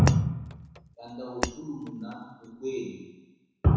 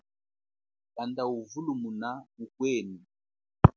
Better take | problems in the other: second | background sound (Shatter); 9 dB below the speech // room echo; dies away in 1.1 s

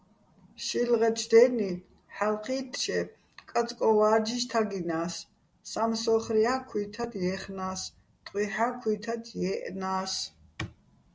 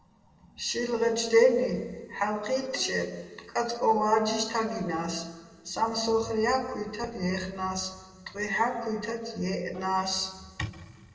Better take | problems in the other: first | background sound (Bowed string instrument); 20 dB below the speech // room echo; dies away in 1.7 s

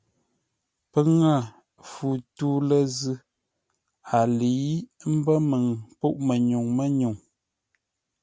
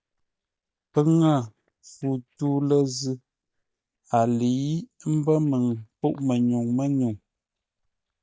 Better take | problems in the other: first | noise reduction (neural mask model DeepFilterNet 3)

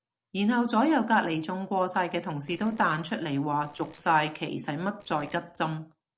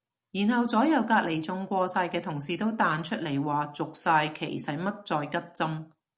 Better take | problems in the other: second | noise reduction (neural separator model SepFormer DNS4)

